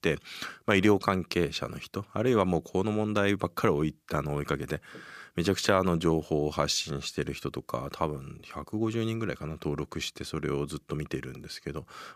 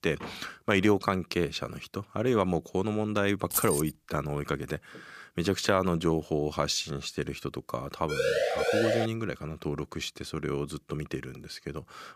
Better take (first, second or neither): first